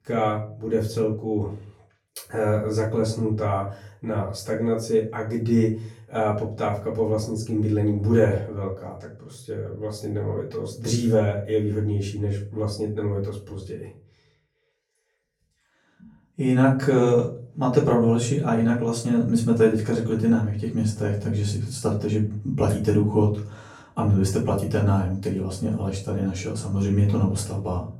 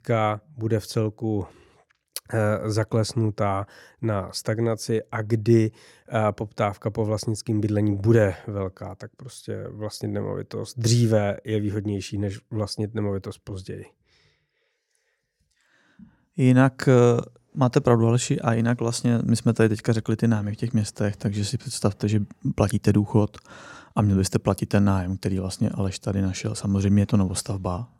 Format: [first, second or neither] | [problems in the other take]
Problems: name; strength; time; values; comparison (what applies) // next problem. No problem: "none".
second | room echo; slight; dies away in 0.4 s // off-mic speech; far